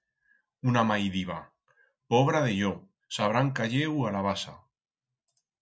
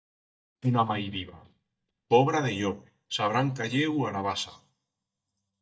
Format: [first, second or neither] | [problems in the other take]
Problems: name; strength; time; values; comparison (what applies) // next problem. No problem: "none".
first | noise reduction (neural mask model DeepFilterNet 3)